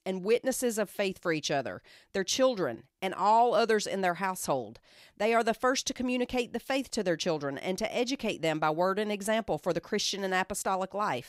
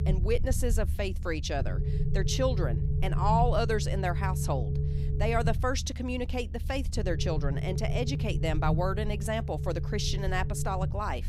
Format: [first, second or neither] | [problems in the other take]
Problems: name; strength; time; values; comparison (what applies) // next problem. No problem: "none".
first | low rumble; noticeable; throughout; 10 dB below the speech